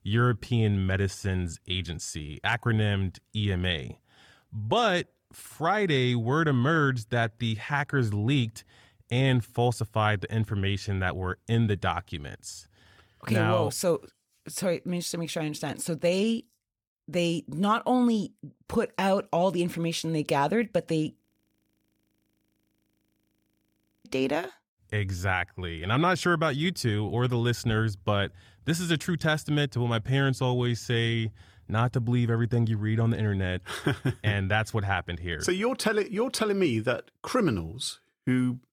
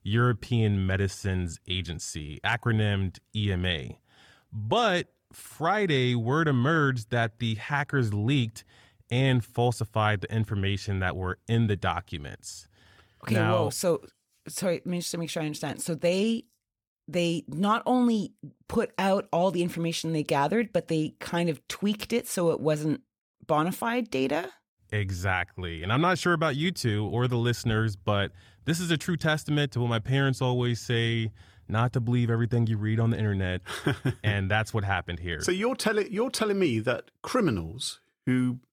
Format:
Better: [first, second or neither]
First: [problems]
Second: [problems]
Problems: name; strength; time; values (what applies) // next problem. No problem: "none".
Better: second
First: audio freezing; at 21 s for 3 s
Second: none